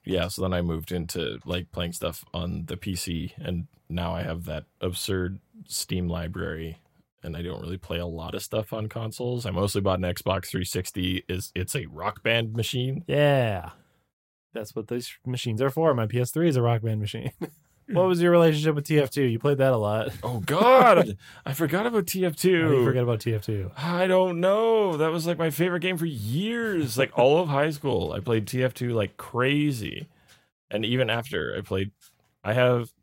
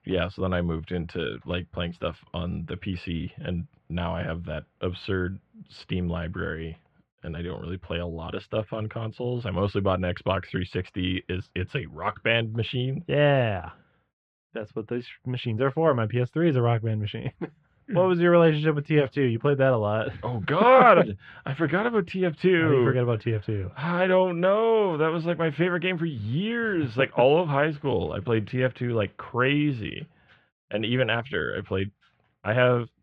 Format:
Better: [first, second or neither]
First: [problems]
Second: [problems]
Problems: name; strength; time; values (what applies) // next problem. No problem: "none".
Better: first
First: none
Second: muffled; very; fading above 3 kHz